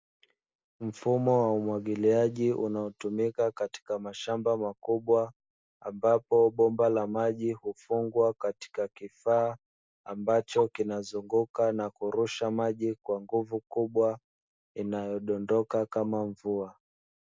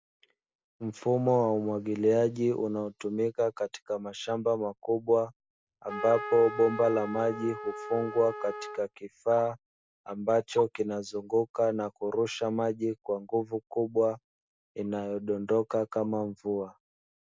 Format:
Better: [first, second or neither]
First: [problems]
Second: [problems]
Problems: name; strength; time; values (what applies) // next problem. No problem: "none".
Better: first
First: none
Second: background sound (Trumpet); 10 dB below the speech